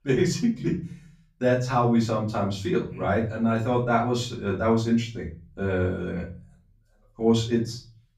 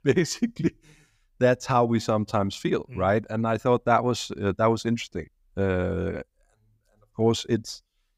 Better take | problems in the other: second | off-mic speech; far // room echo; slight; dies away in 0.4 s

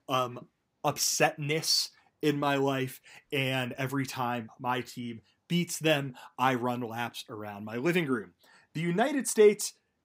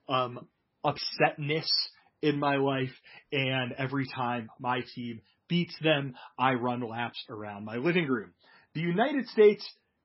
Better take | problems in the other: first | garbled, watery; badly; nothing above 5.5 kHz

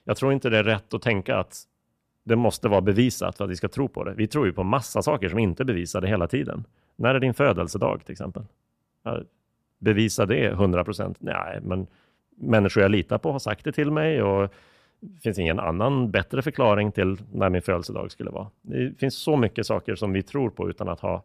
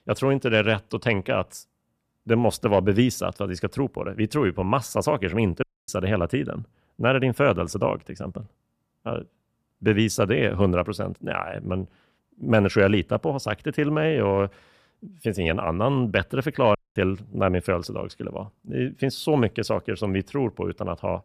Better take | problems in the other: first | audio cutting out; at 5.5 s and at 17 s

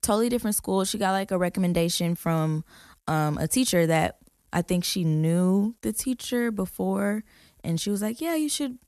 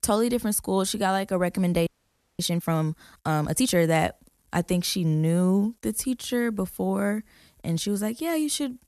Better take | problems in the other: first | audio freezing; at 2 s for 0.5 s

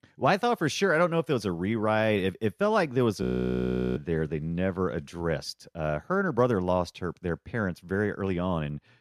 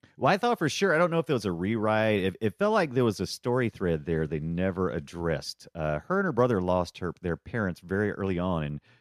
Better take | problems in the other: second | audio freezing; at 3 s for 0.5 s

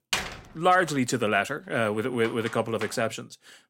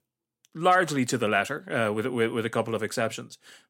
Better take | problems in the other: second | door banging; noticeable; until 3 s; peak 3 dB below the speech

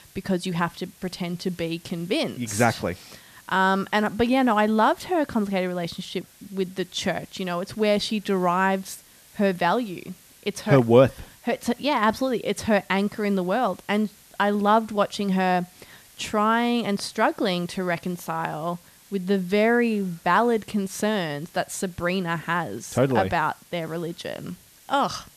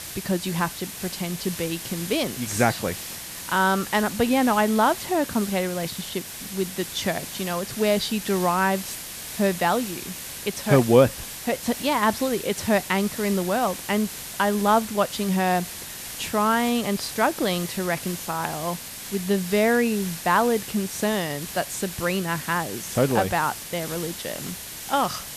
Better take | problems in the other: first | hiss; loud; throughout; 9 dB below the speech; faint in the first

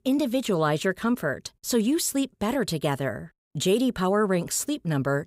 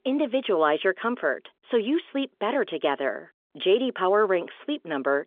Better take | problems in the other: first | phone-call audio; nothing above 3.5 kHz

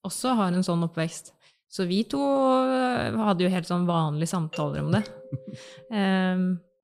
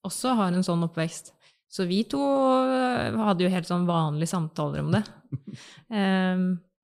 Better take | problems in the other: second | doorbell; faint; from 4.5 to 6 s; peak 15 dB below the speech

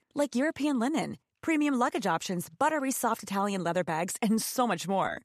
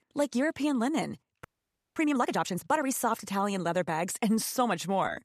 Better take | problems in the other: first | audio freezing; at 1.5 s for 0.5 s

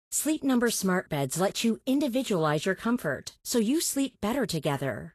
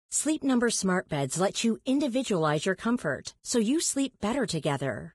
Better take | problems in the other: first | garbled, watery; badly; nothing above 10.5 kHz; slightly in the first

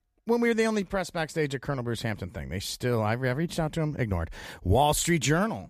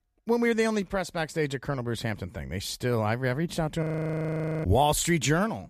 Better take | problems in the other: first | audio freezing; at 4 s for 1 s

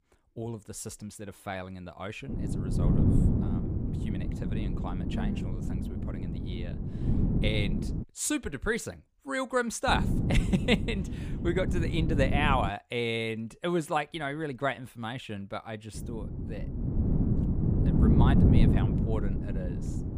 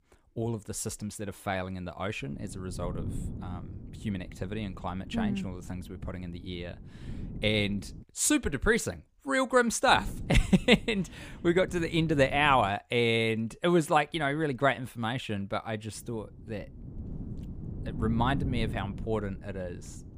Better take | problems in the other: second | wind noise on the microphone; heavy; from 2.5 to 8 s, from 10 to 13 s and from 16 s on; 5 dB below the speech; occasional gusts in the second

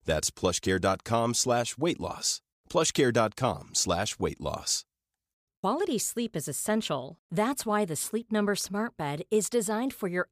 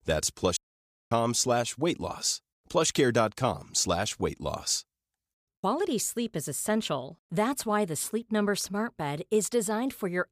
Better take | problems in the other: first | audio cutting out; at 0.5 s for 0.5 s

